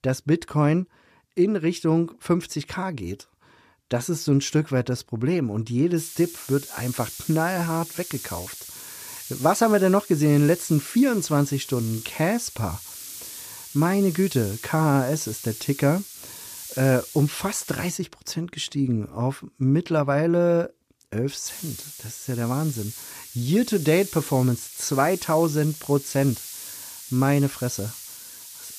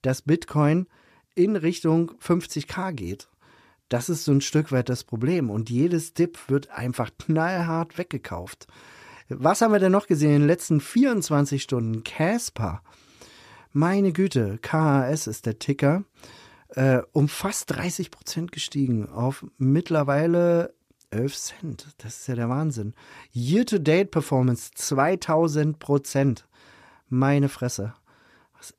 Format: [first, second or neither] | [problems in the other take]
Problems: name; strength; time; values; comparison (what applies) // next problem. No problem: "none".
second | hiss; noticeable; from 6 to 18 s and from 21 s on; 10 dB below the speech